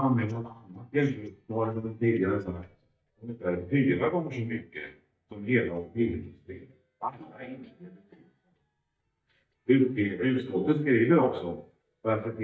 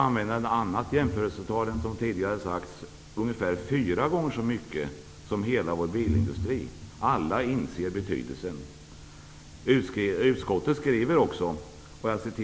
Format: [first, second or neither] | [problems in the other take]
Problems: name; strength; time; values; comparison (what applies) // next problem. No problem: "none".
second | noise reduction (neural mask model DeepFilterNet 3)